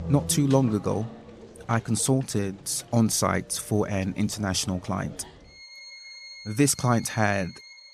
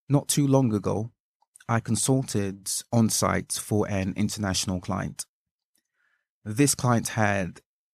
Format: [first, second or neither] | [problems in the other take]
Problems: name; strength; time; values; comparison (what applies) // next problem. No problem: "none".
second | background music; noticeable; throughout; 15 dB below the speech